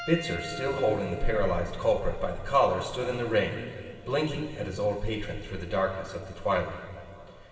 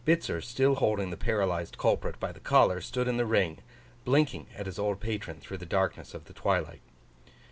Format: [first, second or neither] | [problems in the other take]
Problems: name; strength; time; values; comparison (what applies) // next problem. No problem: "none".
second | background sound (Piano); 18 dB below the speech // room echo; dies away in 2.4 s